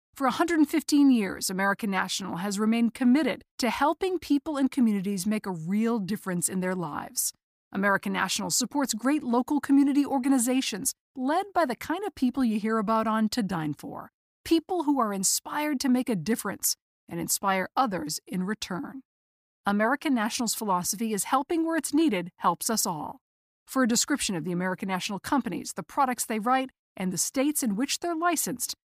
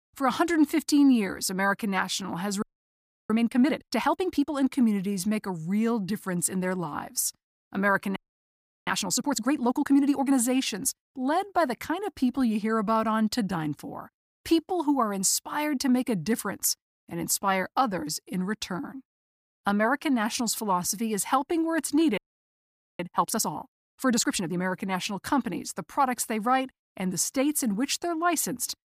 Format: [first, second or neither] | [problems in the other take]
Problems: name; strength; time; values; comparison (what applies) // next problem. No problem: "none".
first | audio freezing; at 2.5 s for 0.5 s, at 8 s for 0.5 s and at 22 s for 1 s